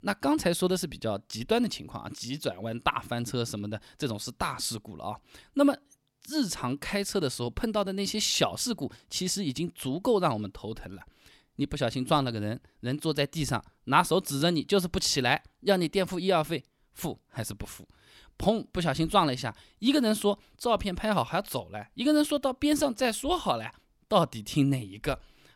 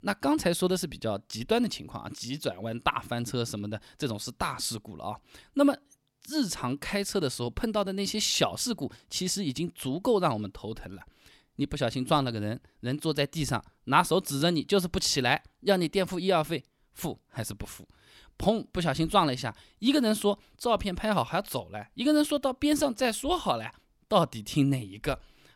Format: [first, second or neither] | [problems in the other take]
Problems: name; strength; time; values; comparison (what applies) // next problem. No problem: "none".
neither | none